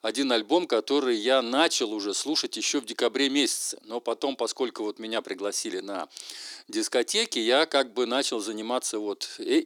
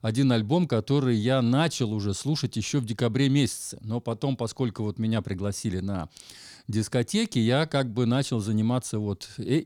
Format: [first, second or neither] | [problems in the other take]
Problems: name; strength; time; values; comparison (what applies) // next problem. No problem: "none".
second | thin; somewhat; fading below 300 Hz